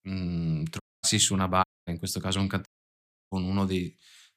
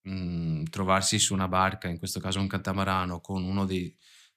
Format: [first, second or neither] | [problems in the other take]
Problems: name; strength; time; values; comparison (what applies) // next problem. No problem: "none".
second | audio cutting out; at 1 s, at 1.5 s and at 2.5 s for 0.5 s